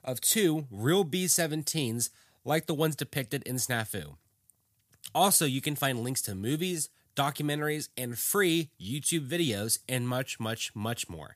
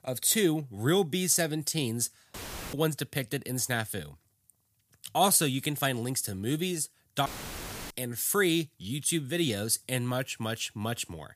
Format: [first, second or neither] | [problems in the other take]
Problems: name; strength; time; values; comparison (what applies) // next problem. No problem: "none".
first | audio cutting out; filled with static; at 2.5 s and at 7.5 s for 0.5 s